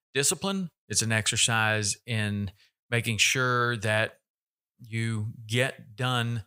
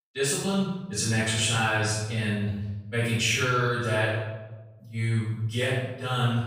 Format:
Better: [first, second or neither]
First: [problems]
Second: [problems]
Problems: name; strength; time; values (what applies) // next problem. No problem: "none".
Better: first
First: none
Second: room echo; strong; dies away in 1.1 s // off-mic speech; far